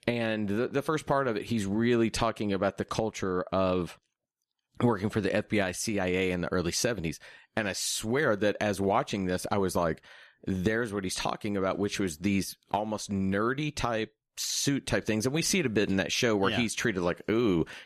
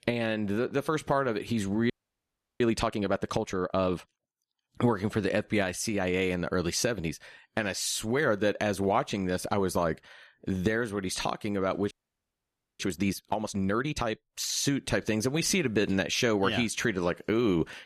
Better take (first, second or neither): first